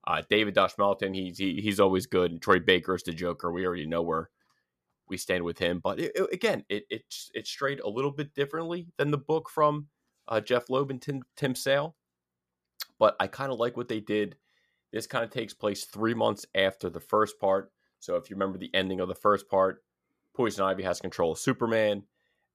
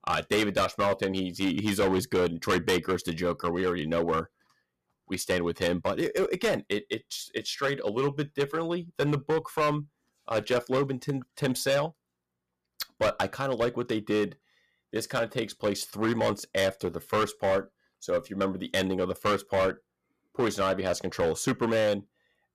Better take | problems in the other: first | distortion; heavy; 9% of the sound clipped

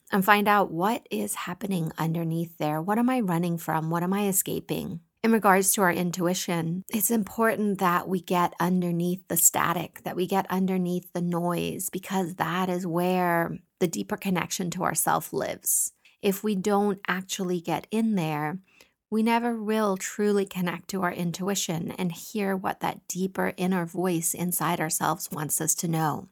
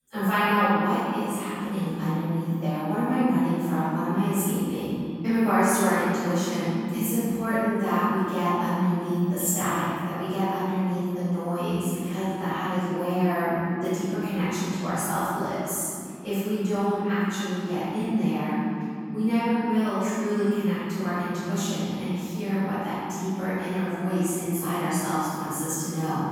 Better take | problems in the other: first | room echo; strong; dies away in 3 s // off-mic speech; far

